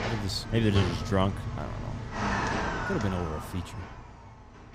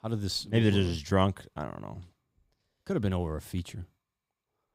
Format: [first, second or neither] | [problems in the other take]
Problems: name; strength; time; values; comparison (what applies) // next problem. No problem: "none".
second | household noises; loud; throughout; 3 dB below the speech